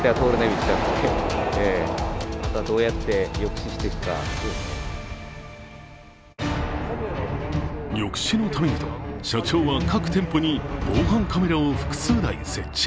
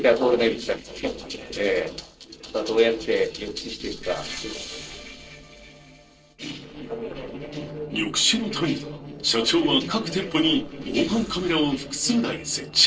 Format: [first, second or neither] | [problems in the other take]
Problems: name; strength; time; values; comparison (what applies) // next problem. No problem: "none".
first | noise reduction (neural separator model SepFormer DNS4)